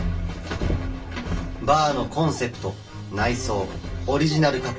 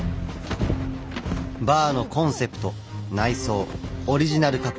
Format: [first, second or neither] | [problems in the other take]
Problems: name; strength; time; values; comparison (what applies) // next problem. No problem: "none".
second | room echo; dies away in 0.2 s